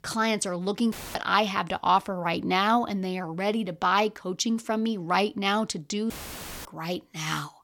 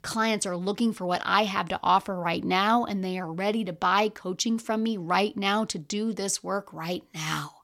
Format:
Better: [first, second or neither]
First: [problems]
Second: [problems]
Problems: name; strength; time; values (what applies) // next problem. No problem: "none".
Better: second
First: audio cutting out; filled with static; at 1 s and at 6 s for 0.5 s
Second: none